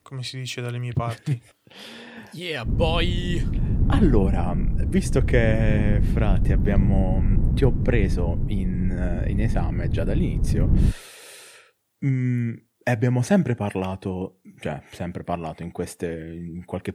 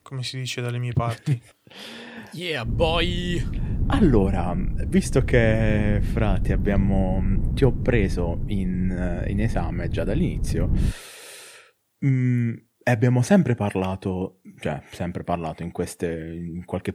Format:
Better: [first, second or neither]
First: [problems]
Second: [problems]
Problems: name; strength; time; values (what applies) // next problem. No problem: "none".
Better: second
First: wind noise on the microphone; heavy; from 2.5 to 11 s; 7 dB below the speech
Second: wind noise on the microphone; occasional gusts; from 2.5 to 11 s; 10 dB below the speech